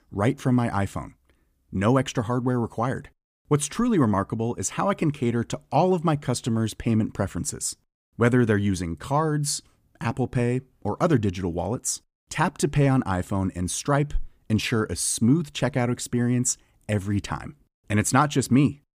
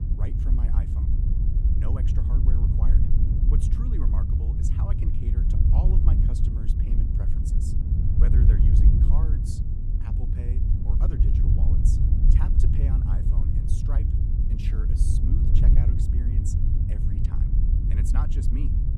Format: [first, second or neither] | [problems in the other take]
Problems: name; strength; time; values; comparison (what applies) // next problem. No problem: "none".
first | wind noise on the microphone; heavy; 5 dB above the speech